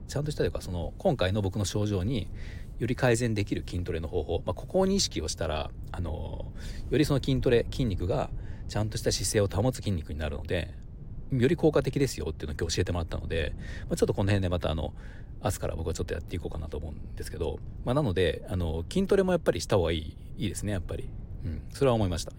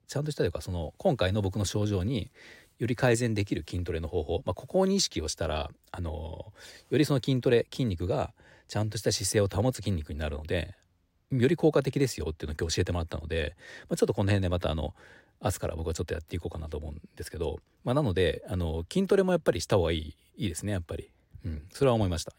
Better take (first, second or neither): second